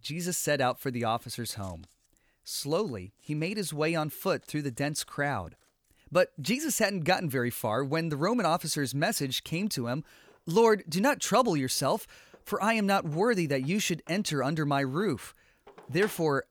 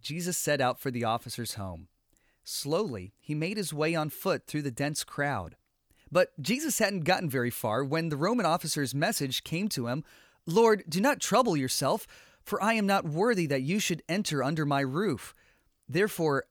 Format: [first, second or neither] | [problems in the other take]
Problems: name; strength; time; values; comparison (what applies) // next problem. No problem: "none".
second | household noises; faint; throughout; 25 dB below the speech